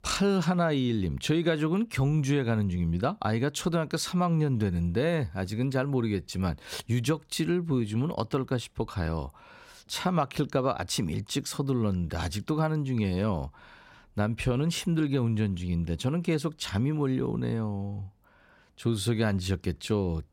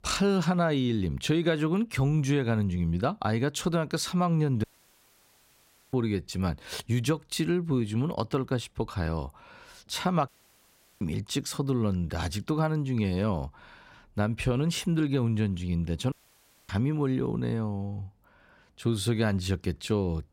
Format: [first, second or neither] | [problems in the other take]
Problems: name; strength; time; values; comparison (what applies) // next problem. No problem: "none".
first | audio cutting out; at 4.5 s for 1.5 s, at 10 s for 0.5 s and at 16 s for 0.5 s